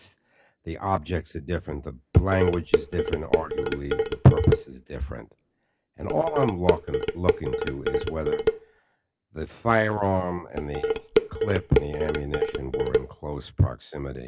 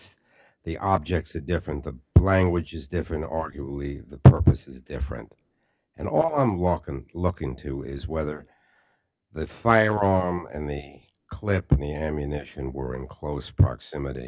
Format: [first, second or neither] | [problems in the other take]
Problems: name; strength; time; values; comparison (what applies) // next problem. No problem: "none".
second | background sound (Dishes, pots, and pans); 1 dB above the speech